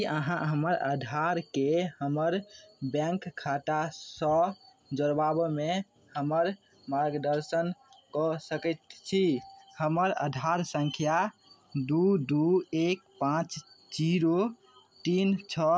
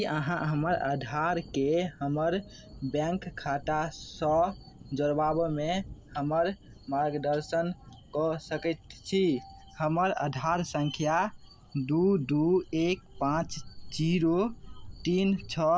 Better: first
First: none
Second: background sound (Thunder); 18 dB below the speech

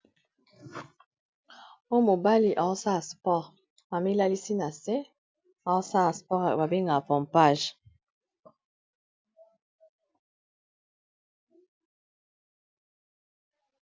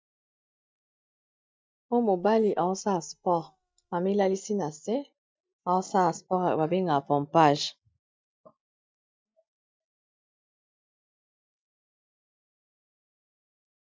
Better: first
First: none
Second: noise reduction (neural mask model DeepFilterNet 3)

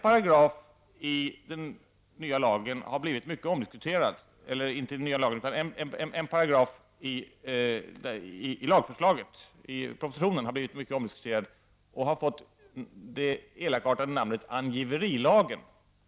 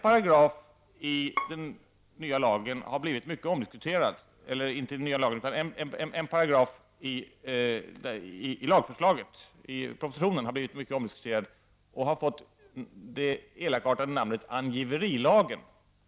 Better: first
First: none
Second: background sound (Bowed string instrument); 10 dB below the speech

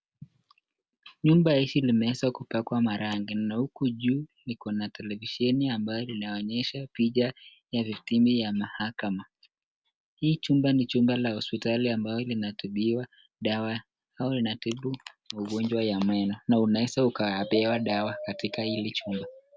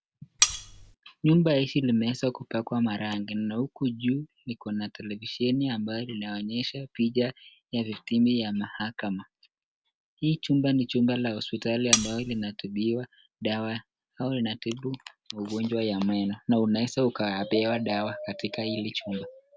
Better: first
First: none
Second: background sound (Cutlery, silverware); 1 dB above the speech

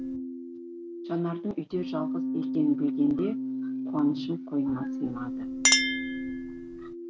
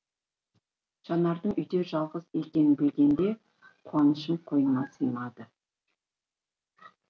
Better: second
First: background sound (Keyboard (musical) + Chink, clink); 1 dB above the speech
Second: none

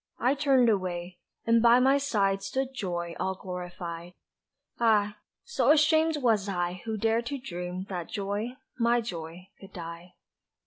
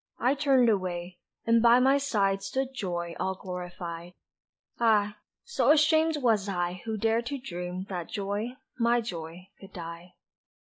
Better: first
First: none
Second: noise reduction (neural mask model Resemble Enhance denoiser)

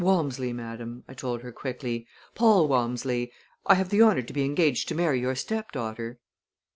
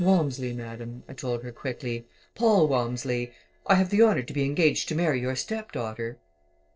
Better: first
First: none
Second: noise reduction (neural separator model SepFormer DNS4)

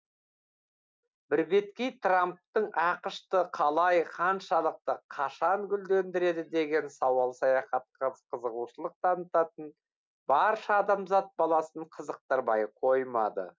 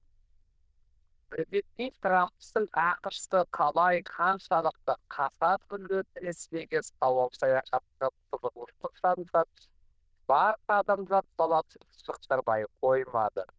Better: first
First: none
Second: noise reduction (neural diffusion model UNIVERSE++)

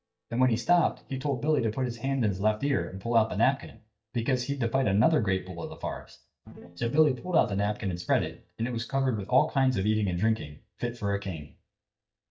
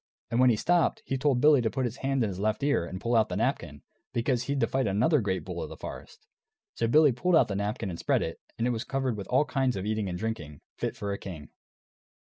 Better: second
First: noise reduction (neural mask model DeepFilterNet 3)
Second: none

